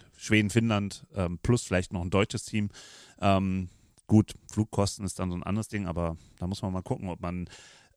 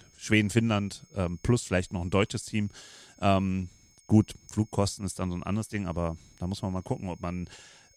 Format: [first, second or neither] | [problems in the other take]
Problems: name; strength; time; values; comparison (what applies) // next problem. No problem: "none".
first | high-pitched whine; faint; throughout; 6.5 kHz, 30 dB below the speech